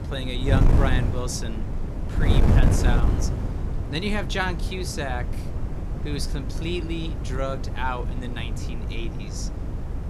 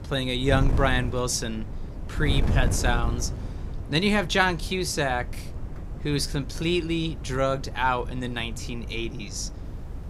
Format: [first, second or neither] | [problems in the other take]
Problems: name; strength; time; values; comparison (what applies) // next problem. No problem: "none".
second | wind noise on the microphone; heavy; 5 dB below the speech; occasional gusts in the second